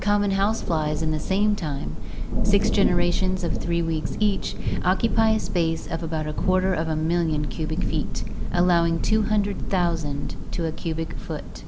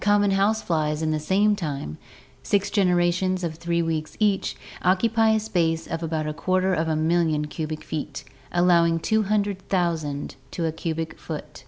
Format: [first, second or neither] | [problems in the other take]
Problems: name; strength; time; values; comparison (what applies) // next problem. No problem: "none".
second | background sound (Thunder / Rain); 2 dB above the speech